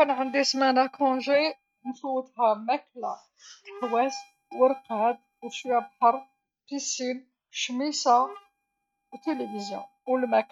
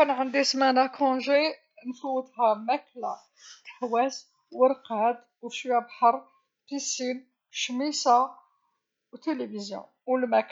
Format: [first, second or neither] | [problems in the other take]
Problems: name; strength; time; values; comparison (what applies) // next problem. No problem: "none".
second | noise reduction (neural mask model RNNoise)